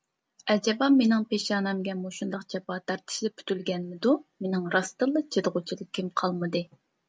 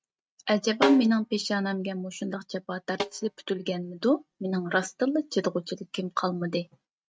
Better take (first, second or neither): first